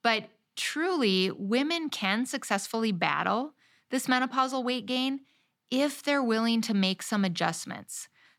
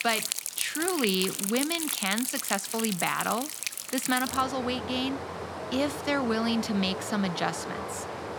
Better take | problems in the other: first | rain or running water; loud; throughout; 3 dB below the speech

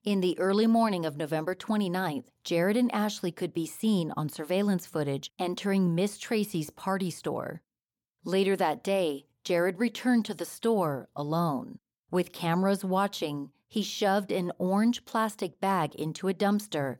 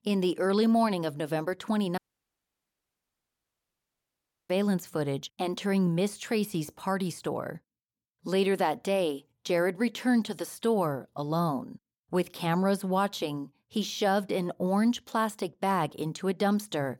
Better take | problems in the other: first | audio cutting out; at 2 s for 2.5 s

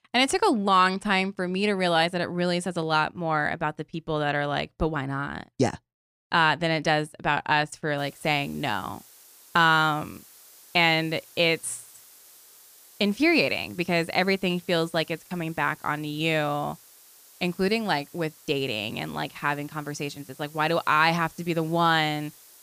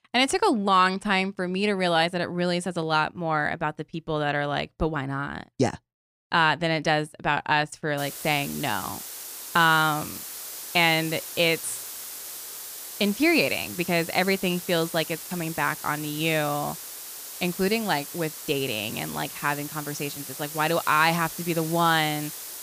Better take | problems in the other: first | hiss; loud; from 8 s on; 10 dB below the speech; faint in the first

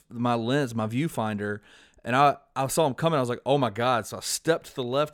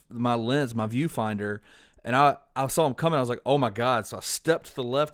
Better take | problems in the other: first | garbled, watery; slightly; nothing above 18.5 kHz

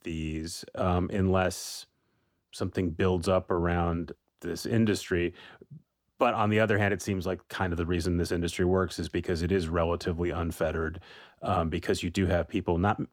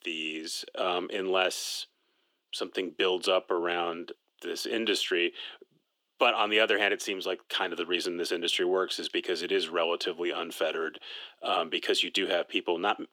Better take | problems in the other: first | thin; somewhat; fading below 350 Hz

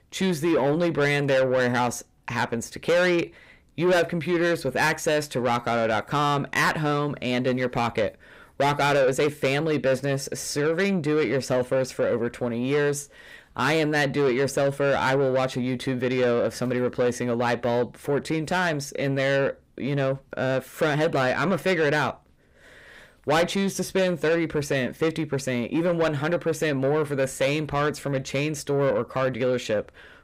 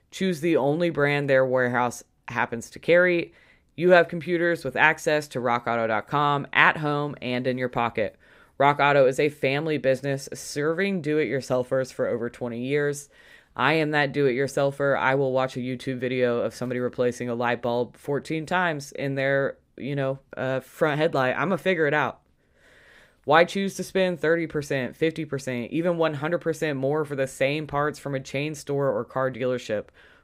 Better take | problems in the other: second | distortion; heavy; 8 dB below the speech

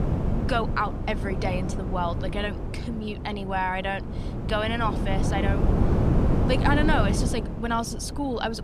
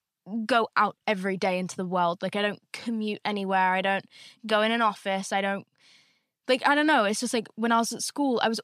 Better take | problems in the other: second | wind noise on the microphone; heavy; 6 dB below the speech

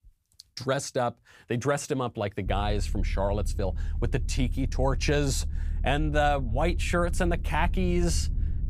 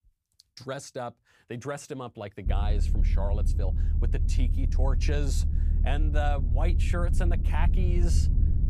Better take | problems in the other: first | low rumble; loud; from 2.5 s on; 8 dB below the speech; faint in the first

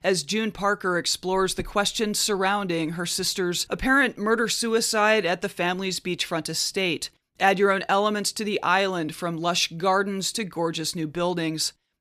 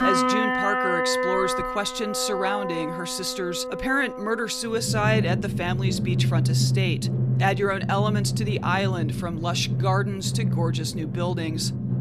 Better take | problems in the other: first | background music; very loud; throughout; 1 dB above the speech

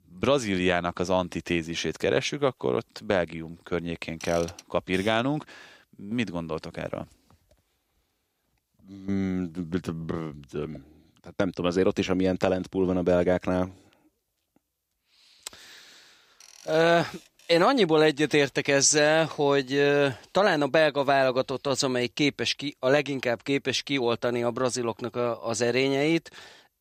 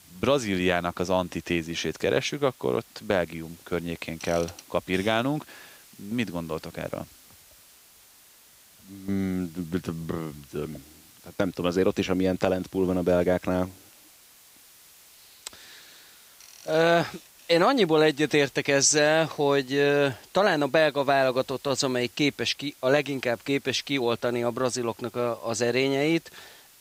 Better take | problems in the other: first | hiss; faint; throughout; 25 dB below the speech

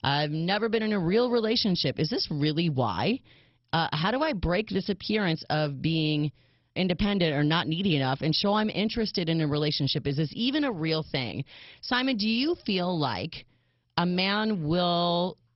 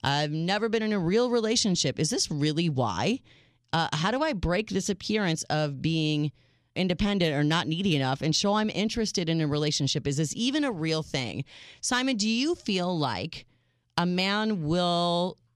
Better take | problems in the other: second | garbled, watery; badly; nothing above 5.5 kHz

